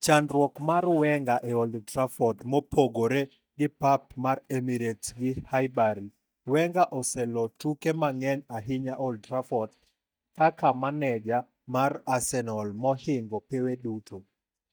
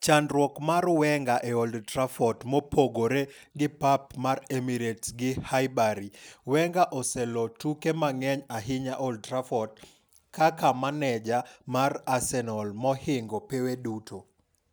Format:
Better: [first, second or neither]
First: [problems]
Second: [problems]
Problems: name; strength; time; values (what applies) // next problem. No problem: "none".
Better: second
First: noise reduction (neural mask model DeepFilterNet 3)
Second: none